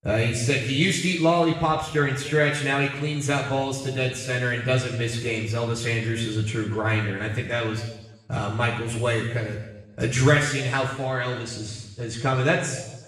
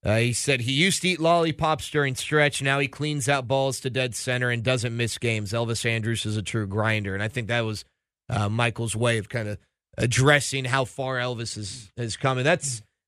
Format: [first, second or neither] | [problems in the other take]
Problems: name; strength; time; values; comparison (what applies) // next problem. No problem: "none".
second | room echo; noticeable; dies away in 1 s // off-mic speech; far